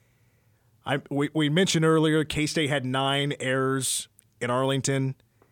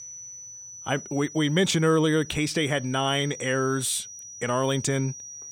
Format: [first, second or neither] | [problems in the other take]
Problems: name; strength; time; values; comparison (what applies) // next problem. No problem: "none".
first | high-pitched whine; noticeable; throughout; 6 kHz, 15 dB below the speech